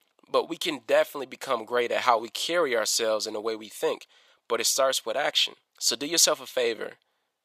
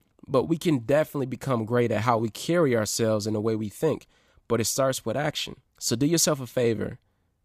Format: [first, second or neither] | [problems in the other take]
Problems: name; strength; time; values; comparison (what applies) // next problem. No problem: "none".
second | thin; very; fading below 600 Hz